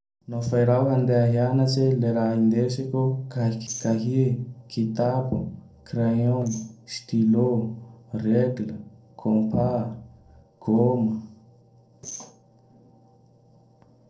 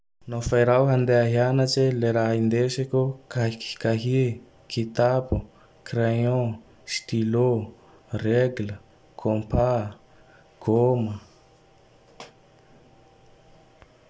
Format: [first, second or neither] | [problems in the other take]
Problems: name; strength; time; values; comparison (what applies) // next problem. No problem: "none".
second | noise reduction (neural separator model SepFormer DNS4)